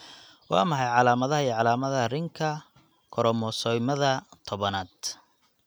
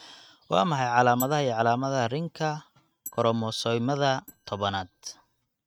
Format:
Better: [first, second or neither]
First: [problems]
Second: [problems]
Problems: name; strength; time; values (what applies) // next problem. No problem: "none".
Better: first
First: none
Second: noise reduction (neural mask model RNNoise)